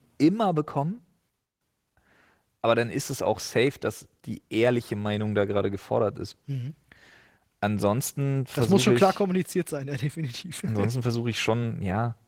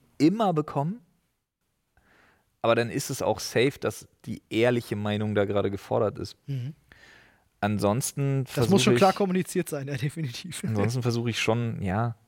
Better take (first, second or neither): second